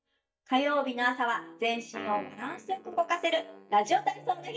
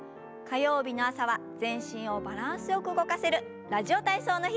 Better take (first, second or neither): second